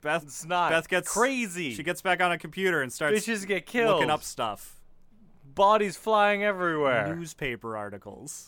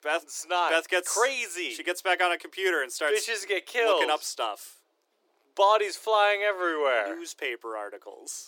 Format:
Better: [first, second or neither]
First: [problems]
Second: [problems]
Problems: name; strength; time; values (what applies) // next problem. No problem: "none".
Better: first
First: none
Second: thin; very; fading below 350 Hz